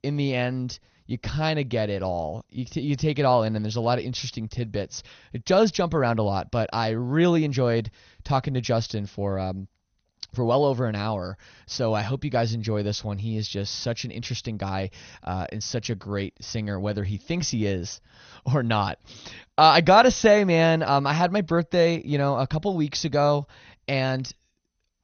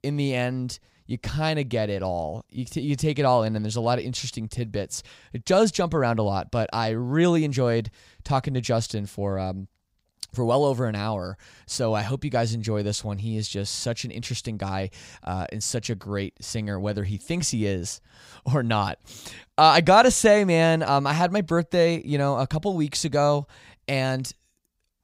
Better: second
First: garbled, watery; slightly; nothing above 6.5 kHz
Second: none

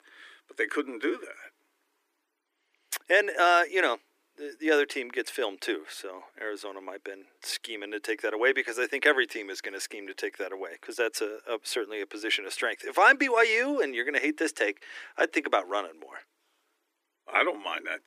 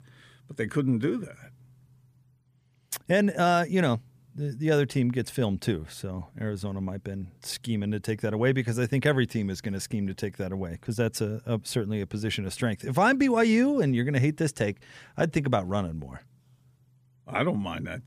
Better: second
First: thin; very; fading below 300 Hz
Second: none

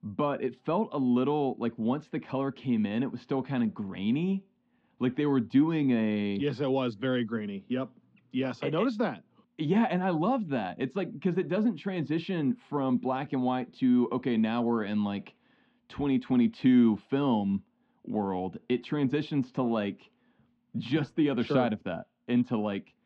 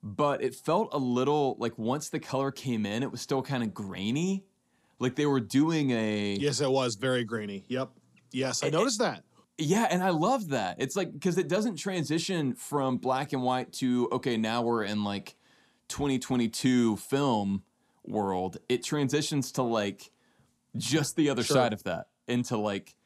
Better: second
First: muffled; very; fading above 3 kHz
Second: none

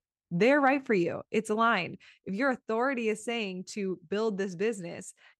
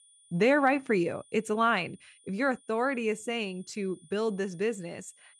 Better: first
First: none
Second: high-pitched whine; faint; throughout; 9.5 kHz, 30 dB below the speech

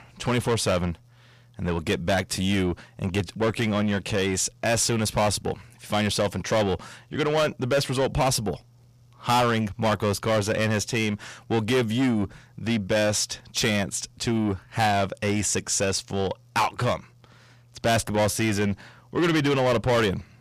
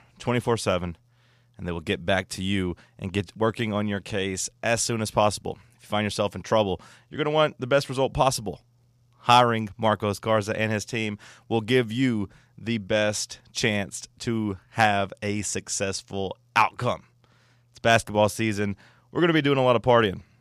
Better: second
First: distortion; heavy; 6 dB below the speech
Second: none

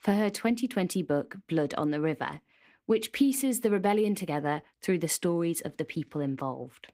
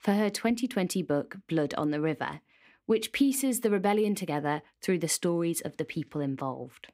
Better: second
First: garbled, watery; slightly; nothing above 15.5 kHz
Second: none

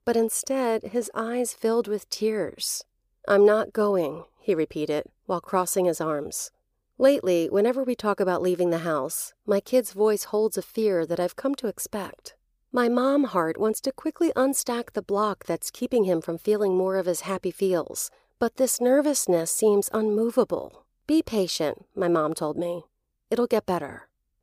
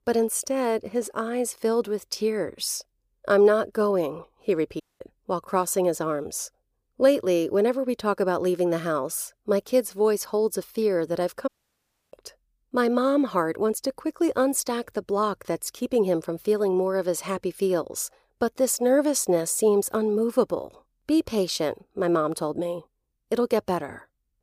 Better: first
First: none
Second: audio cutting out; at 5 s and at 11 s for 0.5 s

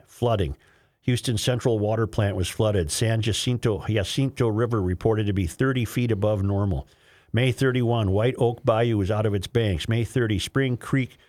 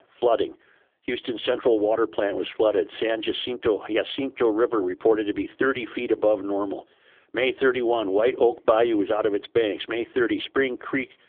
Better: first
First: none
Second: phone-call audio; poor line; nothing above 3.5 kHz

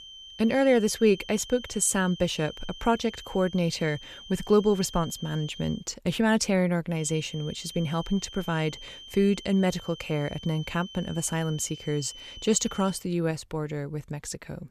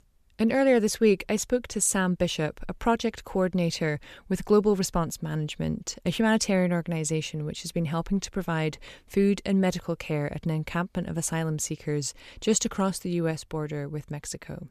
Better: second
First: high-pitched whine; noticeable; until 6 s and from 7 to 13 s; 3 kHz, 15 dB below the speech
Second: none

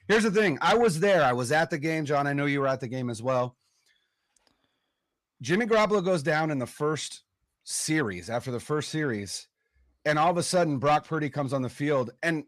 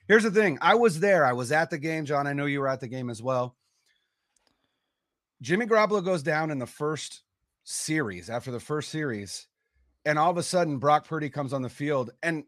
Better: second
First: distortion; slight; 10 dB below the speech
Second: none

